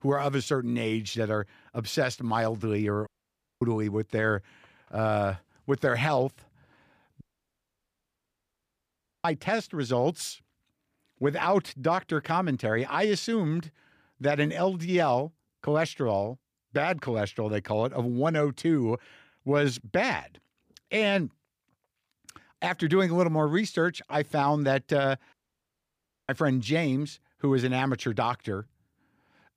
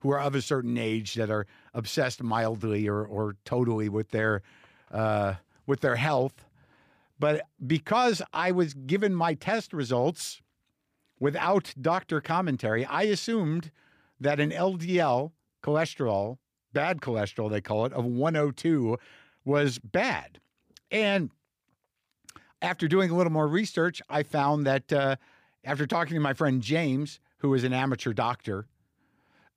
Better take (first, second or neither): second